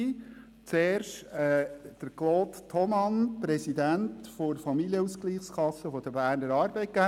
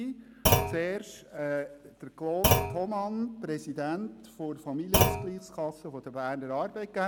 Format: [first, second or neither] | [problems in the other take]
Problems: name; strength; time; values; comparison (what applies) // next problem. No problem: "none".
first | background sound (Thump, thud); 3 dB above the speech